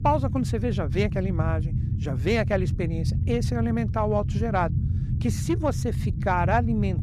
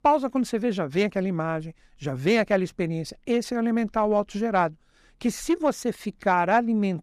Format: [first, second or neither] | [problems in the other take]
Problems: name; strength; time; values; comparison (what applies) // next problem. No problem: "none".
second | low rumble; noticeable; throughout; 10 dB below the speech